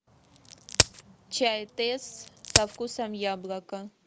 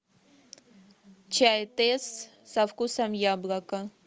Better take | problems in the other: second | background sound (Crack); 1 dB above the speech

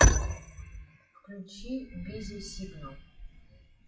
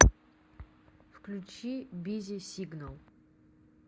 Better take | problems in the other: second | noise reduction (classical method WPE with log-MMSE)

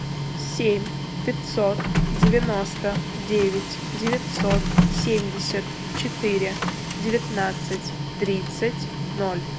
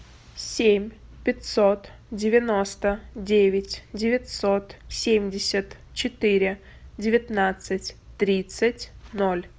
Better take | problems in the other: second | background sound (Printer); 1 dB above the speech

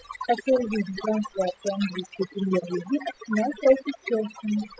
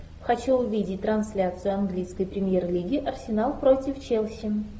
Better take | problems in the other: second | noise reduction (classical method spectral subtraction)

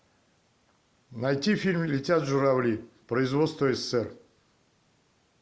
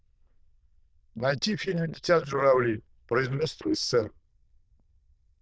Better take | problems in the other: first | noise reduction (neural diffusion model UNIVERSE++)

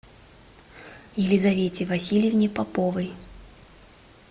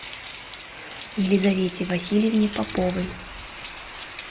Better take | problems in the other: first | background sound (Rain); 13 dB below the speech

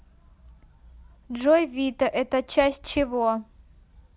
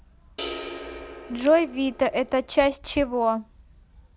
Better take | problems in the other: first | background sound (Crack + Crash cymbal); 13 dB below the speech

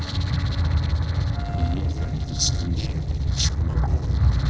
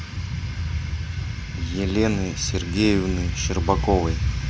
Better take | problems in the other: second | noise reduction (neural separator model SepFormer DNS4)

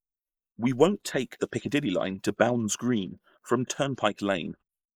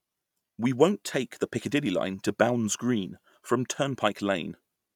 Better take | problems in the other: second | noise reduction (neural mask model Resemble Enhance denoiser)

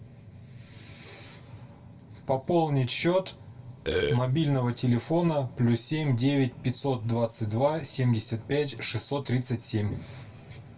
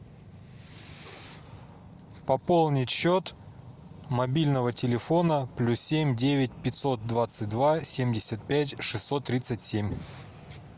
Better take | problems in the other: second | background sound (Burping, eructation); 2 dB above the speech // room echo; dies away in 0.1 s

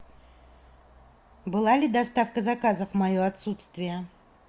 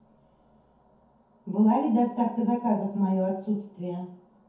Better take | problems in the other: first | room echo; dies away in 0.6 s

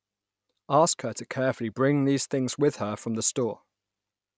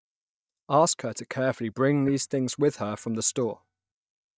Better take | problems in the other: first | noise reduction (neural mask model DeepFilterNet 3)

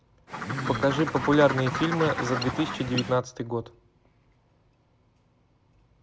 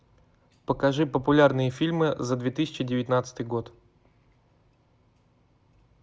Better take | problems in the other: second | background sound (Bird); 3 dB below the speech

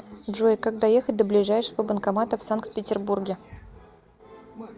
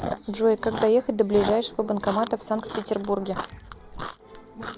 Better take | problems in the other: first | background sound (Chewing, mastication); 11 dB below the speech

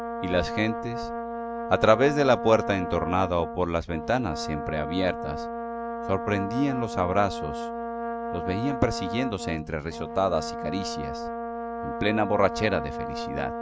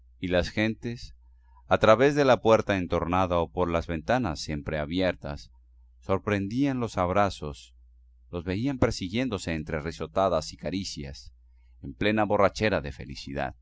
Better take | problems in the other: second | background sound (Brass instrument); 6 dB below the speech

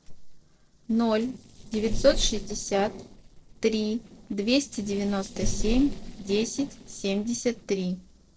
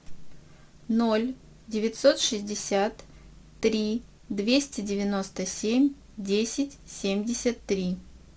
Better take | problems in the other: second | noise reduction (neural separator model SepFormer DNS4)

